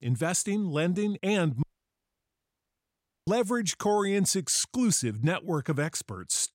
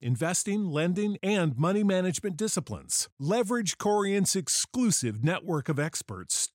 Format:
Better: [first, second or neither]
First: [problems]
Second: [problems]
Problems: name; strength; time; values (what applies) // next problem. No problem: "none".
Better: second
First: audio cutting out; at 1.5 s for 1.5 s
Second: none